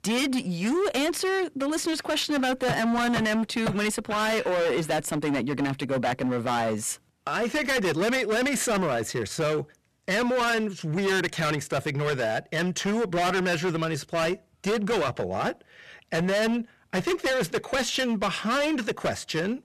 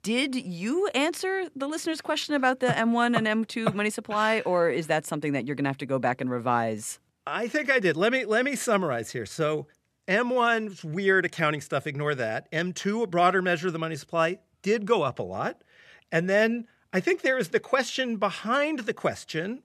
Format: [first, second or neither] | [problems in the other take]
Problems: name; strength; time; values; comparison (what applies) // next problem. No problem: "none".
second | distortion; heavy; 25% of the sound clipped